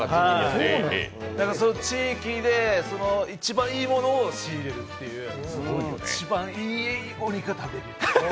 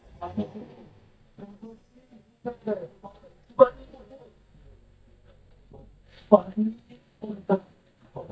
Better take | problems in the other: first | noise reduction (neural mask model DeepFilterNet 3)

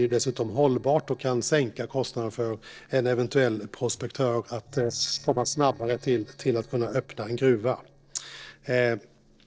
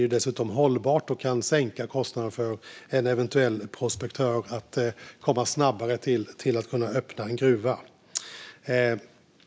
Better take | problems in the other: second | noise reduction (neural separator model SepFormer DNS4)

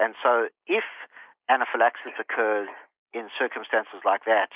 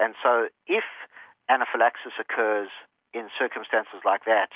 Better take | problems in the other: second | noise reduction (neural mask model Resemble Enhance denoiser)

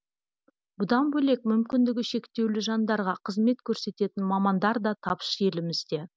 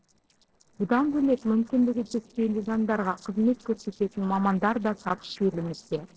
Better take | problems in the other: first | noise reduction (neural separator model SepFormer DNS4)

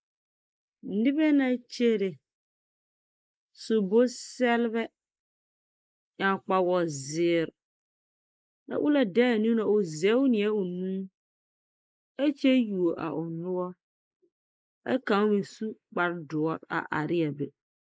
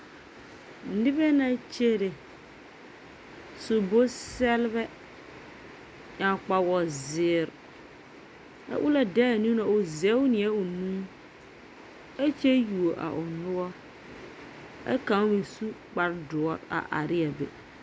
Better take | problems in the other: second | noise reduction (neural mask model Resemble Enhance denoiser)

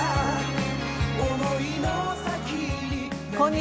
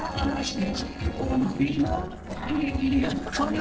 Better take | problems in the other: first | noise reduction (neural separator model SepFormer DNS4)

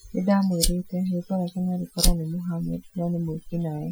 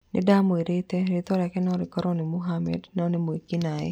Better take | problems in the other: second | noise reduction (classical method Wiener filter)

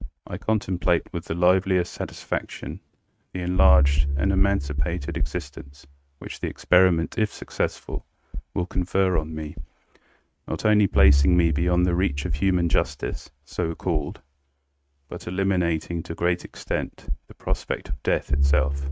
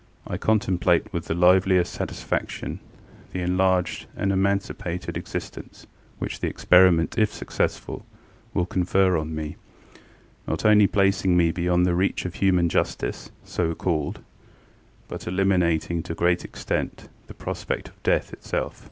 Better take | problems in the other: second | noise reduction (neural mask model RNNoise)

